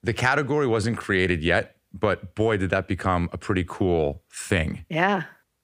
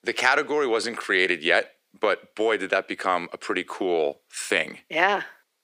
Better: first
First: none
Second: thin; somewhat; fading below 350 Hz

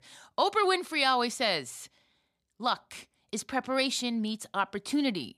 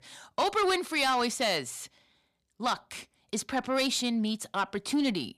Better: first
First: none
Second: distortion; slight; 10 dB below the speech

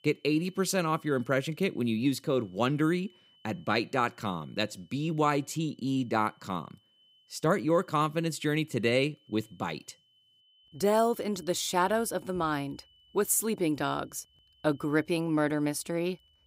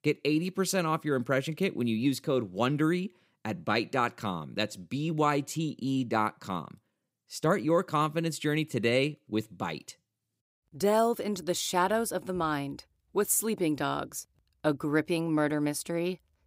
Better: second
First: high-pitched whine; faint; throughout; 3 kHz, 35 dB below the speech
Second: none

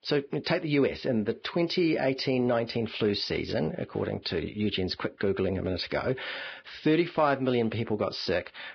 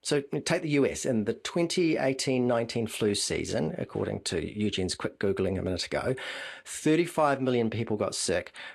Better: second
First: garbled, watery; badly; nothing above 5 kHz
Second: garbled, watery; slightly

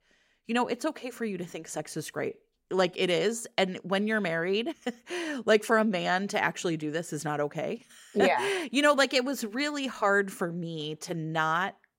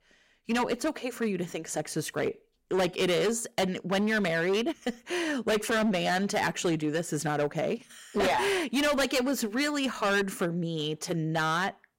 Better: first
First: none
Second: distortion; heavy; 13% of the sound clipped

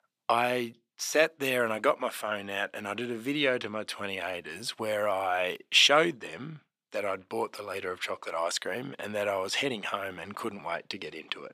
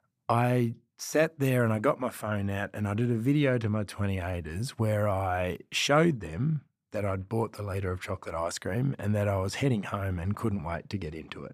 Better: second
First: thin; somewhat; fading below 400 Hz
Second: none

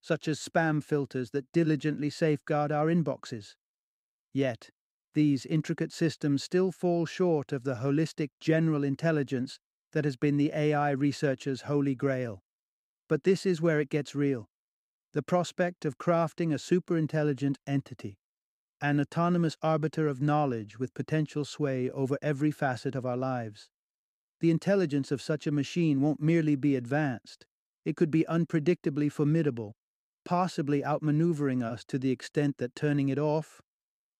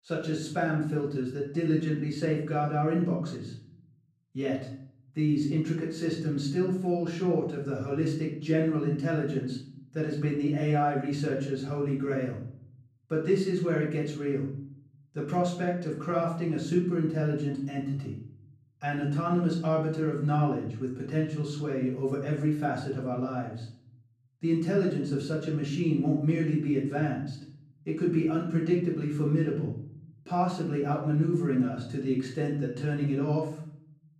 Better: first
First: none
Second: off-mic speech; far // room echo; noticeable; dies away in 0.6 s

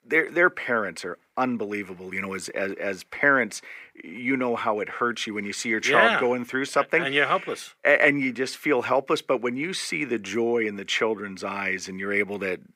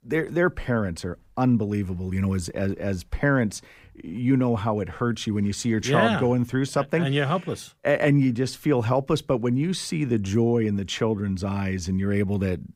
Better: second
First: thin; somewhat; fading below 400 Hz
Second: none

